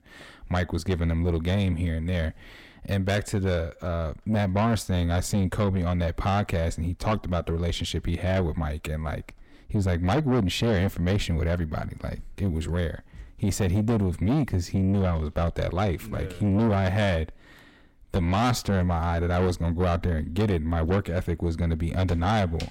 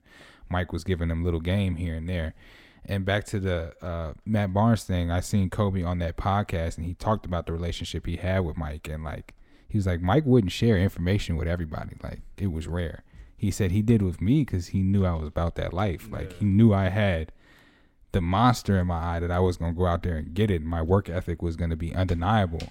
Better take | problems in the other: second | distortion; heavy; 8 dB below the speech

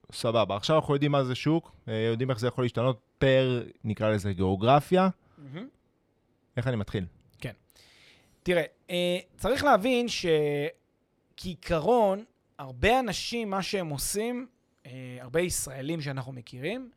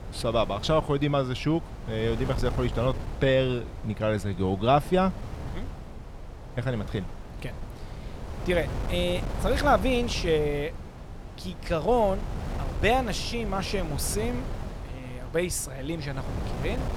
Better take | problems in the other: first | wind noise on the microphone; occasional gusts; 15 dB below the speech

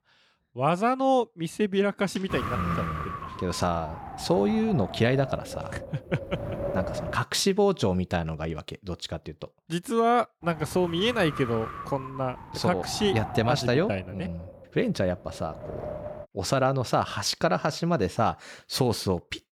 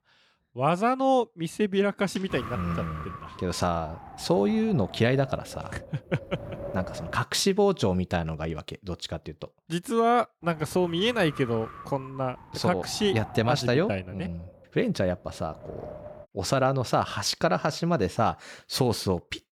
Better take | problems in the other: second | wind noise on the microphone; heavy; from 2.5 to 7 s and from 10 to 16 s; 8 dB below the speech; occasional gusts in the second

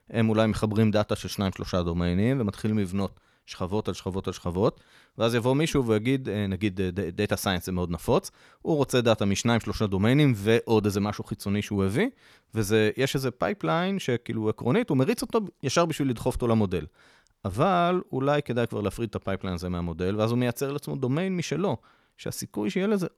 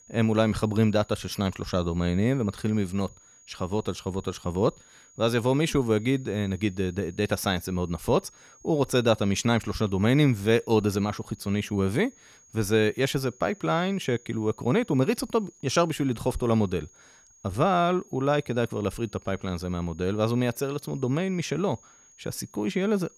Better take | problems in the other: first | high-pitched whine; faint; throughout; 6.5 kHz, 25 dB below the speech

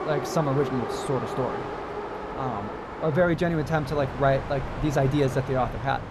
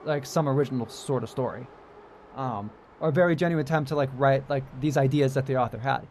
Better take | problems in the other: second | train or aircraft noise; loud; throughout; 7 dB below the speech; faint in the second

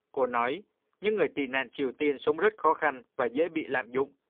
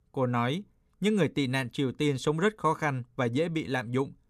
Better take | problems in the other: second | phone-call audio; poor line; nothing above 3.5 kHz

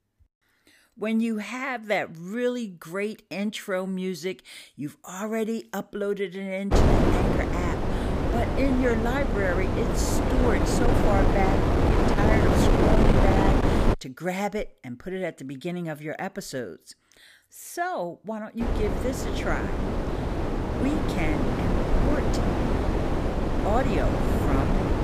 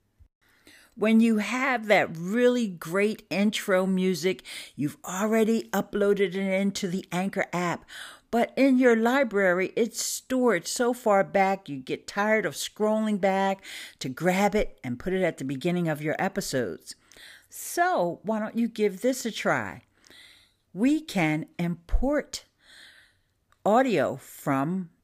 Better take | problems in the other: second | wind noise on the microphone; heavy; from 6.5 to 14 s and from 19 s on; 3 dB above the speech

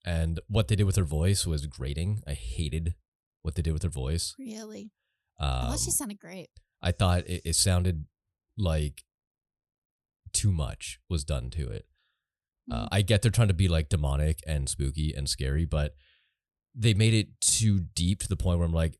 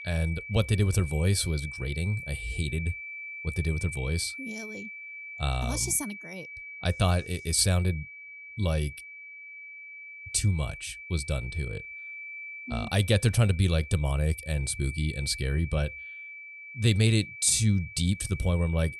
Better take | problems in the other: first | high-pitched whine; noticeable; throughout; 2.5 kHz, 10 dB below the speech

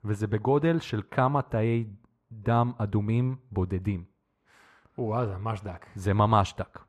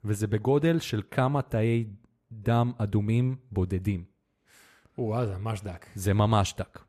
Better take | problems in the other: second | muffled; slightly; fading above 1.5 kHz

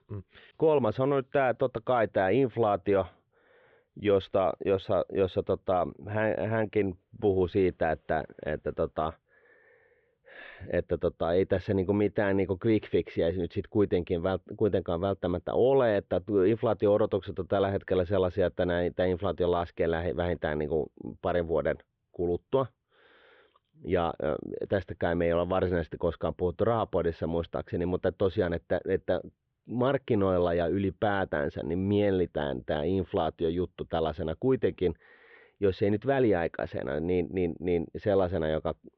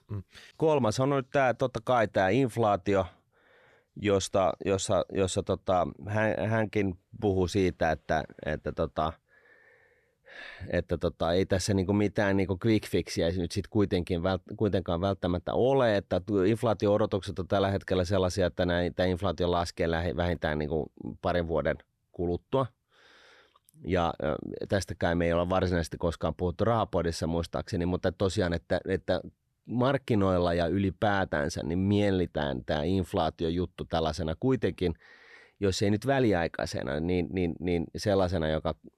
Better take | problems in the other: second | muffled; very; fading above 3.5 kHz

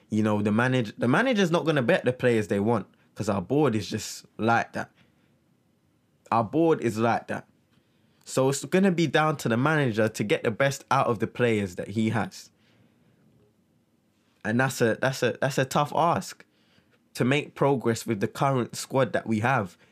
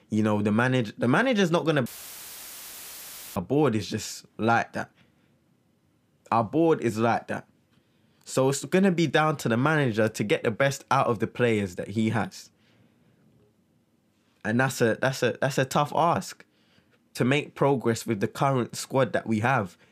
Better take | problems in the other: first | audio cutting out; filled with static; at 2 s for 1.5 s

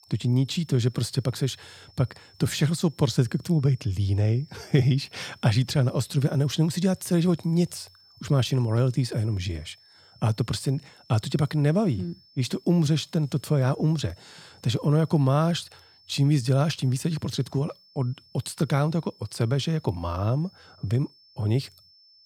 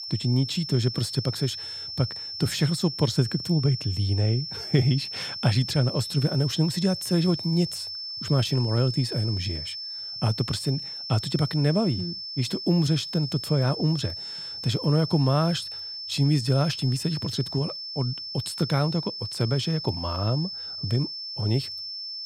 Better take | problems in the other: first | high-pitched whine; loud; throughout; 5.5 kHz, 6 dB below the speech; faint in the first

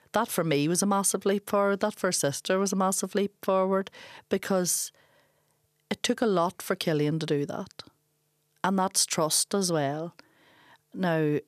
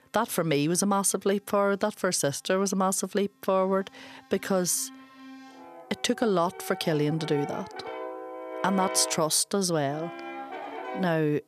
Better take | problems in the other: first | background music; noticeable; throughout; 10 dB below the speech

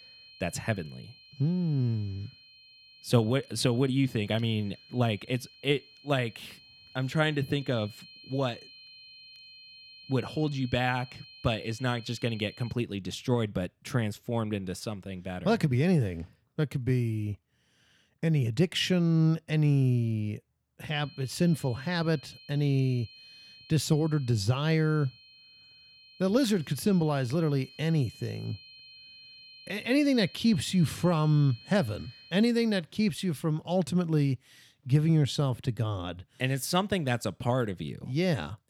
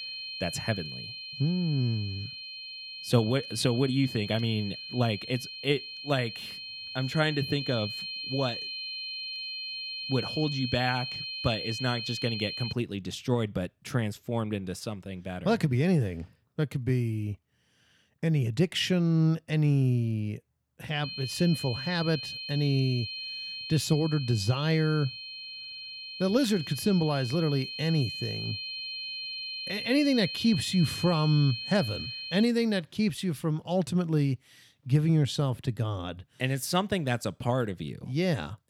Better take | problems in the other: first | high-pitched whine; loud; until 13 s and from 21 to 32 s; 4 kHz, 7 dB below the speech; faint in the first

